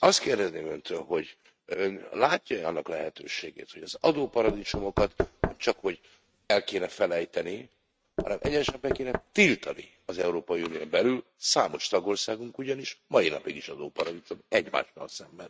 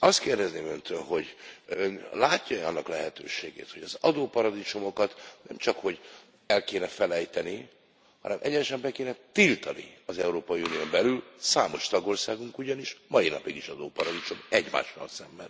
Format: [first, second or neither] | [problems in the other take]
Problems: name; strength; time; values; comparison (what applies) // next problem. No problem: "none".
second | noise reduction (neural mask model RNNoise)